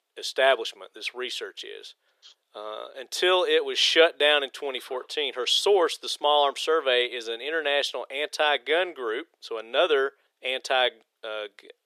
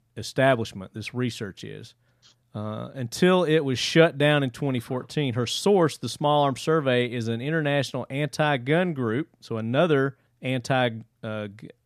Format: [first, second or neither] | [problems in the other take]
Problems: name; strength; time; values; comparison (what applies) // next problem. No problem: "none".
second | thin; very; fading below 400 Hz